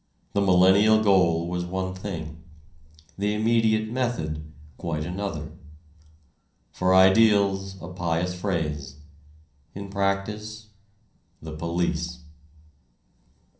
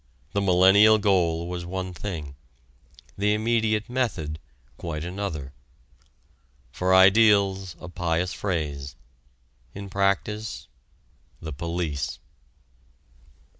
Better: second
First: room echo; dies away in 0.6 s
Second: none

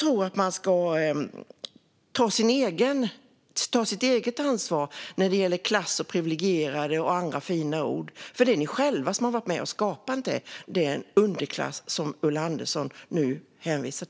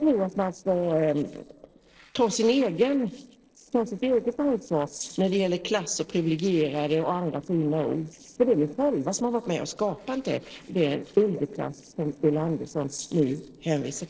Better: first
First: none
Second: noise reduction (neural separator model SepFormer DNS4)

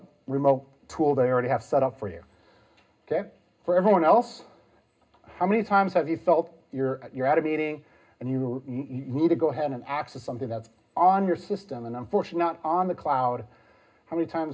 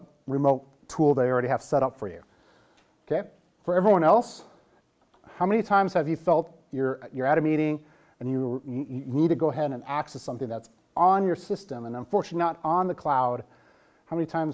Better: second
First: room echo; dies away in 0.2 s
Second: none

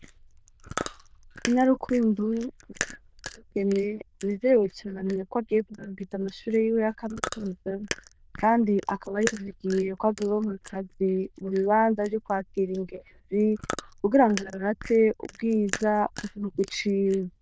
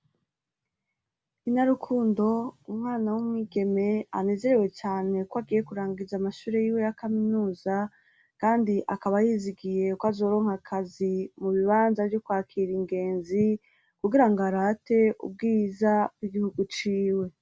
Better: second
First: noise reduction (neural diffusion model UNIVERSE++)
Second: none

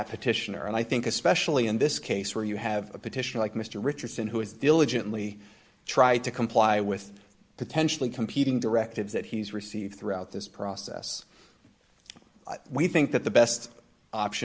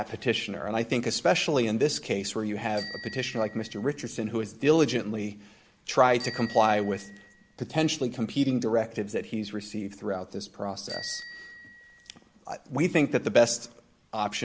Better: first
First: none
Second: background sound (Bicycle bell); 18 dB below the speech

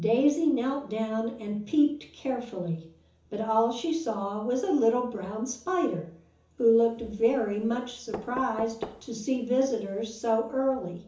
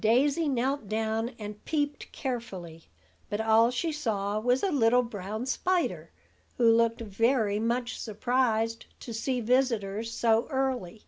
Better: second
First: background sound (Knock); 16 dB below the speech // room echo; dies away in 0.7 s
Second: none

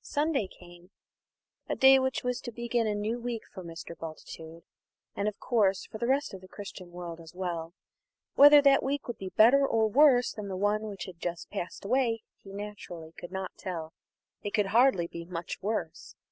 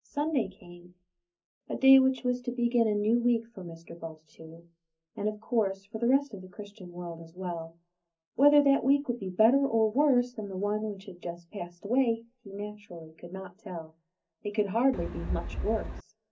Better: first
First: none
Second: background sound (Wind); 4 dB below the speech // room echo; dies away in 0.3 s

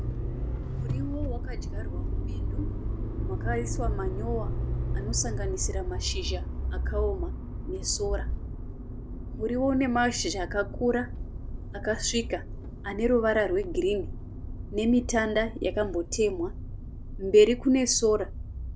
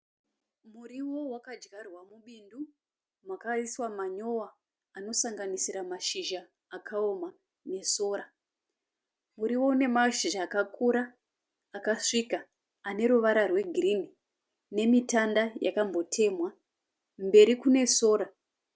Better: second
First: background sound (Motor vehicle (road)); 3 dB below the speech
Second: none

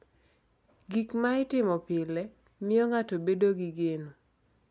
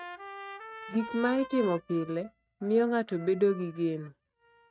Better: first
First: none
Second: noise reduction (neural mask model RNNoise)

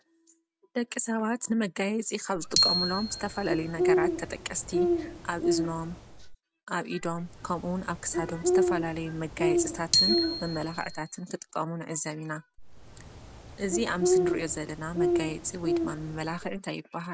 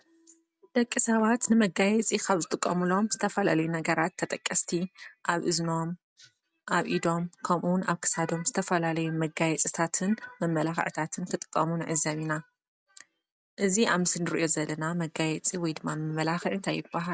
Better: second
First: background sound (Bird + Glockenspiel); 3 dB above the speech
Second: none

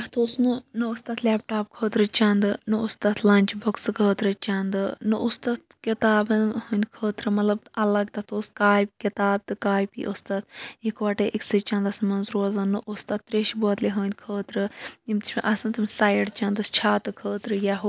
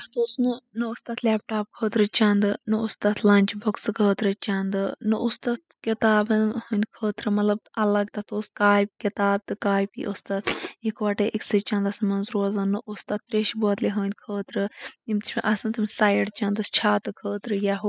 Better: first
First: none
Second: noise reduction (classical method spectral subtraction)

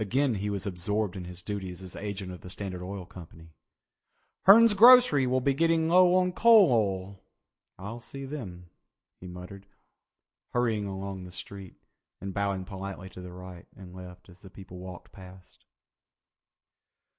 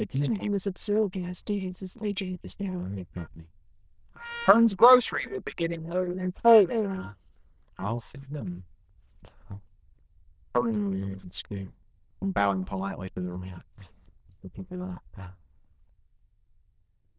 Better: first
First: none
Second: noise reduction (neural diffusion model UNIVERSE++)

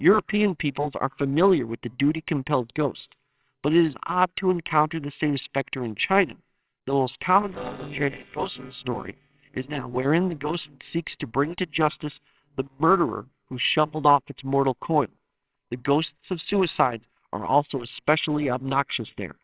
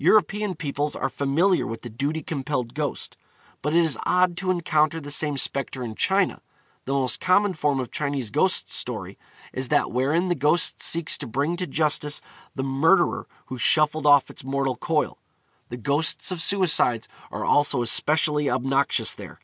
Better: second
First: noise reduction (neural separator model SepFormer WHAMR!)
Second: none

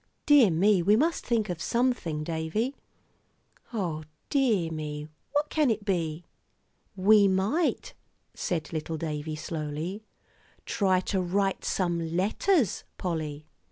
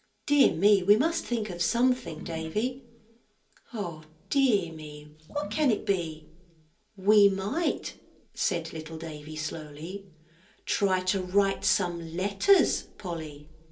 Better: first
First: none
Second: background sound (Sink (filling or washing) / Water); 17 dB below the speech // room echo; dies away in 0.3 s

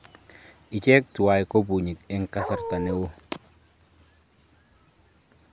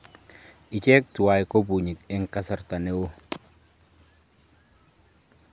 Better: second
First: background sound (Dog); 4 dB below the speech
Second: none

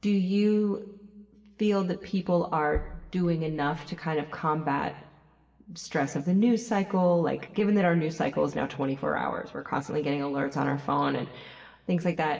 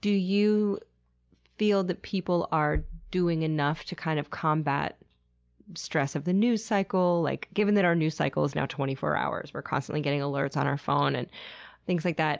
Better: second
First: room echo; dies away in 1.6 s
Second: none

